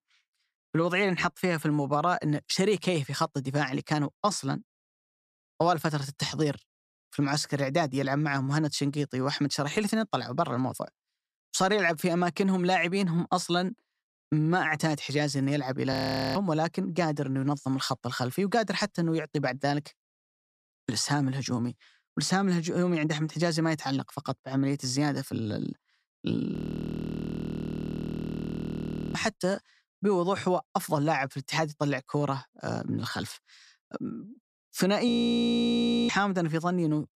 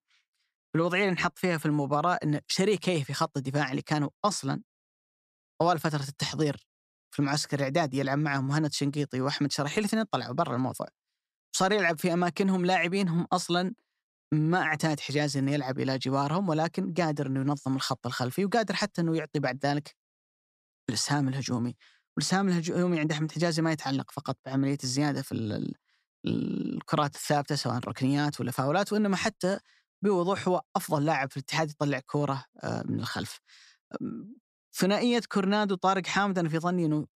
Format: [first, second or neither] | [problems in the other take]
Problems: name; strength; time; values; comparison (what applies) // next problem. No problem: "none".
second | audio freezing; at 16 s, at 27 s for 2.5 s and at 35 s for 1 s